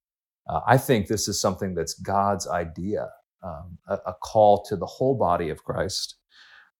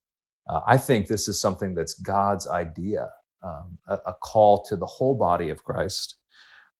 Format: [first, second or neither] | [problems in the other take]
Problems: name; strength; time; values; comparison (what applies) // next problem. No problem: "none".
first | garbled, watery; slightly; nothing above 17 kHz